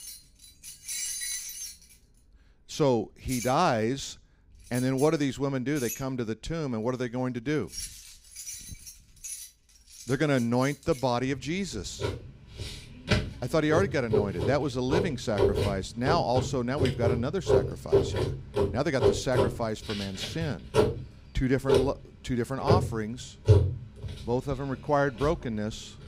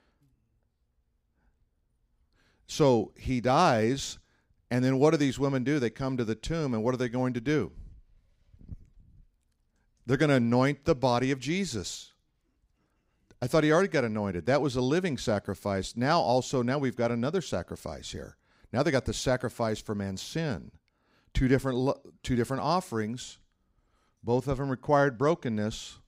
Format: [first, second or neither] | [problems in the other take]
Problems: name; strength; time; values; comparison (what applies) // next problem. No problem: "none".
second | household noises; loud; throughout; 1 dB below the speech